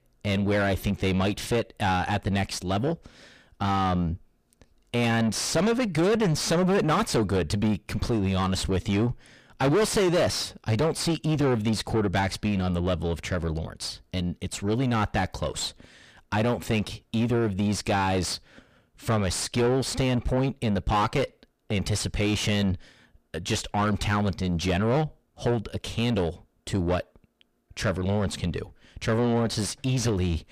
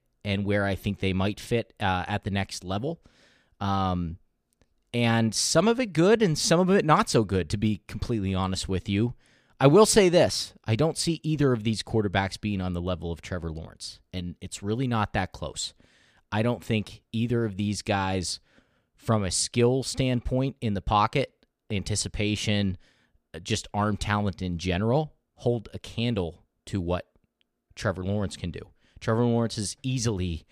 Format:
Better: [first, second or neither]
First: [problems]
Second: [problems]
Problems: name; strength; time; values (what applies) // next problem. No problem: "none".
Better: second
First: distortion; heavy; 5 dB below the speech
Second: none